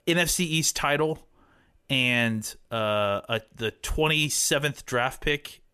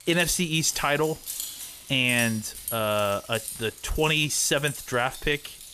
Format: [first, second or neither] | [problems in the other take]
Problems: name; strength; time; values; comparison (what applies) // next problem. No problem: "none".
first | jangling keys; noticeable; peak 7 dB below the speech